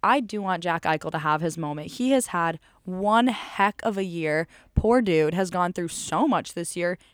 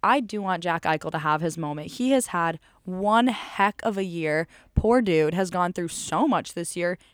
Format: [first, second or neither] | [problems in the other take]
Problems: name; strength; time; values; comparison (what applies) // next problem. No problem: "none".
neither | none